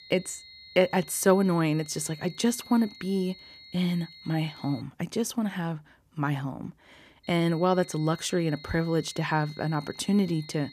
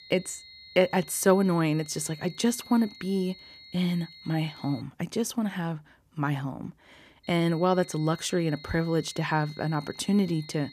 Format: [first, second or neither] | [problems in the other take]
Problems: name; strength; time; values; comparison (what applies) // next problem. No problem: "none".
neither | high-pitched whine; noticeable; until 5 s and from 7 s on; 4.5 kHz, 20 dB below the speech; the same in both